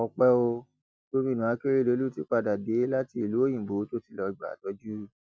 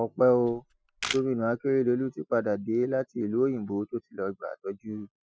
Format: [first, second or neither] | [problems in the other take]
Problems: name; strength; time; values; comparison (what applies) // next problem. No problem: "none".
first | noise reduction (classical method spectral subtraction)